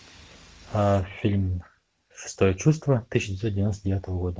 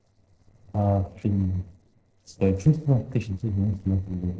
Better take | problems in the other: first | noise reduction (neural separator model SepFormer DNS4)

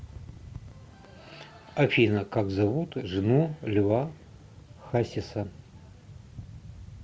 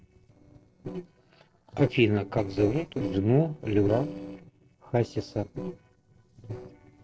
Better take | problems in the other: first | noise reduction (neural separator model SepFormer DNS4)

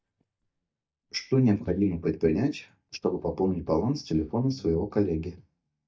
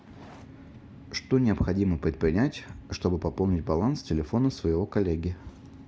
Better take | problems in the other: second | noise reduction (neural mask model DeepFilterNet 3)

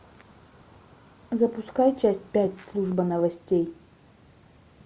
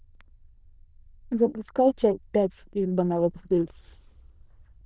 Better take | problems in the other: first | noise reduction (neural diffusion model UNIVERSE++)

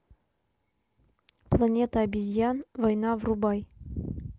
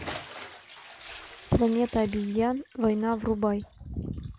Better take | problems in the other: first | background sound (Bathtub (filling or washing) / Splash, splatter); 17 dB below the speech

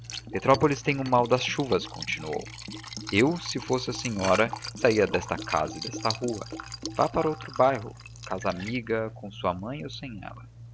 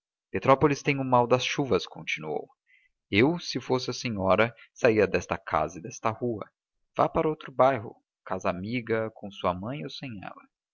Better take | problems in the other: second | background sound (Liquid); 11 dB below the speech

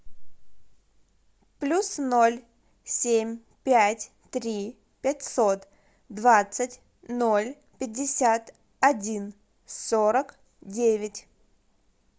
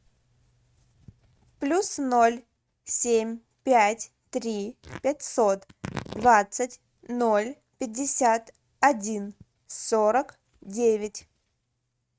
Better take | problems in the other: first | noise reduction (neural mask model RNNoise)

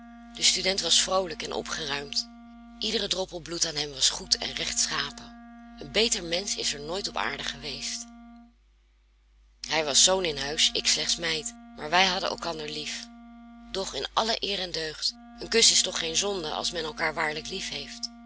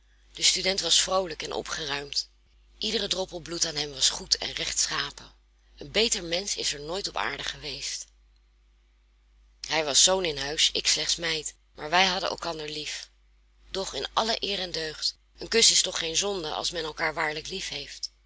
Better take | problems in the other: second | background sound (Wind instrument, woodwind instrument); 19 dB below the speech

